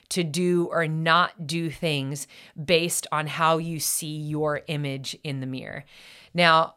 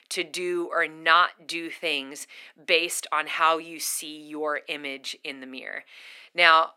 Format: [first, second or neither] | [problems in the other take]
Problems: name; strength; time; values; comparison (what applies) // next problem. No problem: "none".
first | thin; very; fading below 250 Hz